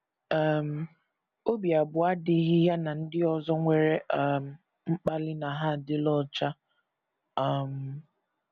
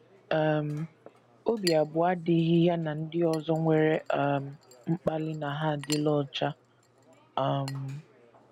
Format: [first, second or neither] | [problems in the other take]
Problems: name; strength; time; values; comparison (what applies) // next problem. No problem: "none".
first | background sound (Chink, clink); 19 dB below the speech